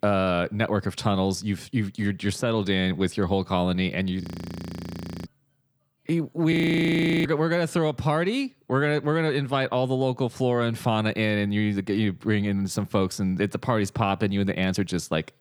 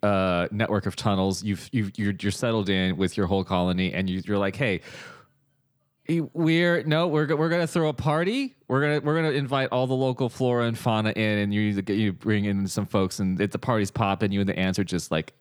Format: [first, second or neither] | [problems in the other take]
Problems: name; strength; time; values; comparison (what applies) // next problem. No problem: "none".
second | audio freezing; at 4 s for 1 s and at 6.5 s for 0.5 s